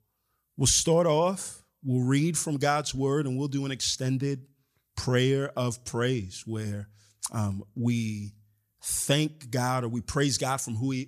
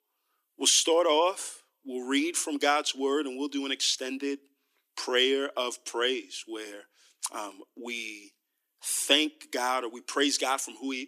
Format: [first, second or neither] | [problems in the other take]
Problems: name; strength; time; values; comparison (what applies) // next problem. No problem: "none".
first | thin; somewhat; fading below 300 Hz